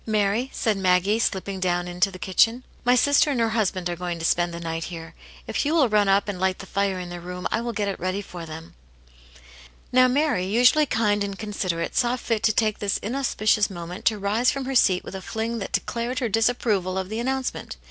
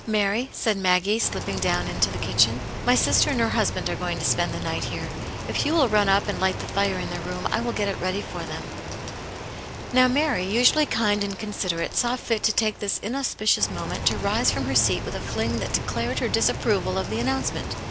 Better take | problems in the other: first | background sound (Rain); 7 dB below the speech

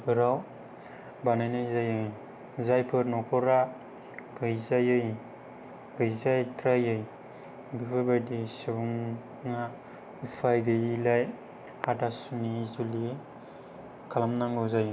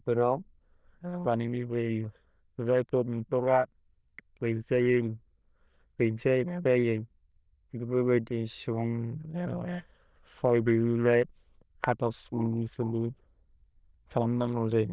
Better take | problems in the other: first | noise reduction (neural diffusion model UNIVERSE++)

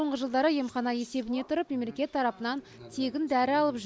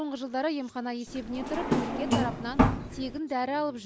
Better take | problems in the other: first | background sound (Drawer open or close); 4 dB above the speech

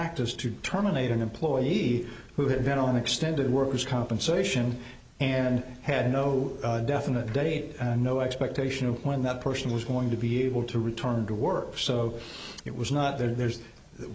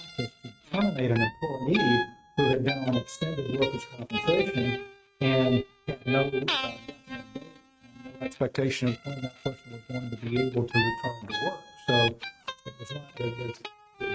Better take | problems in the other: first | noise reduction (neural mask model RNNoise)

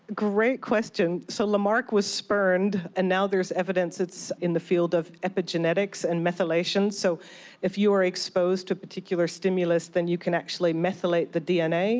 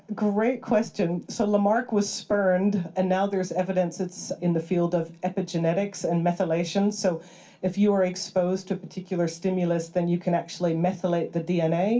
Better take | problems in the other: first | room echo; dies away in 0.2 s

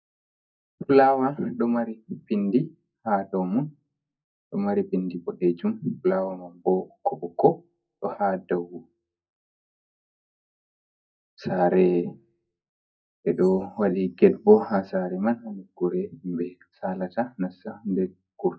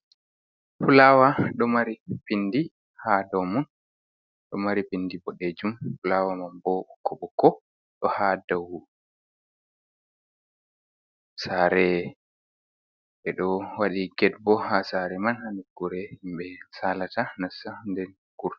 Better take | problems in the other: second | noise reduction (neural mask model DeepFilterNet 3)

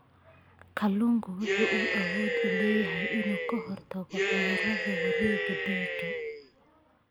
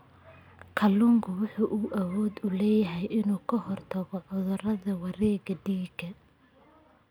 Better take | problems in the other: second | background sound (Cheering); 2 dB above the speech

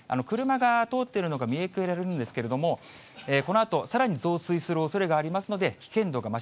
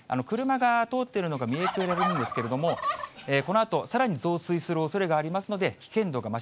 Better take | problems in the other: first | background sound (Fowl); 5 dB below the speech

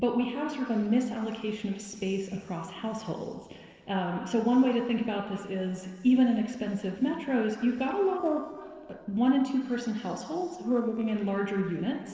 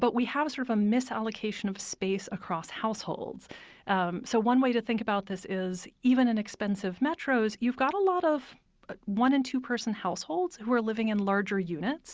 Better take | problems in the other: second | noise reduction (neural separator model SepFormer DNS4)

